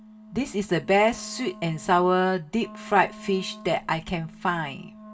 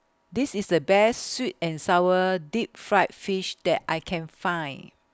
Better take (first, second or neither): second